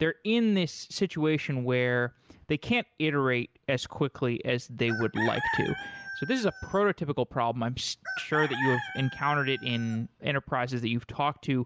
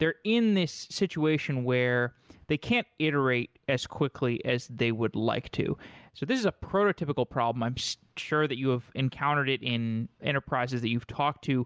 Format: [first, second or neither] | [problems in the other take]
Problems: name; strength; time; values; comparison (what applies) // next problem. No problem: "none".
second | background sound (Chicken, rooster); 7 dB below the speech